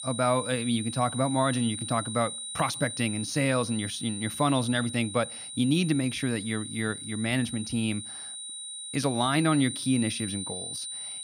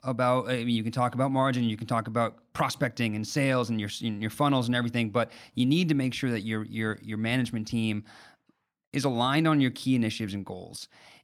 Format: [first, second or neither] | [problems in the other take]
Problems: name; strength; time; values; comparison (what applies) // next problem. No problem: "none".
second | high-pitched whine; loud; throughout; 9 kHz, 7 dB below the speech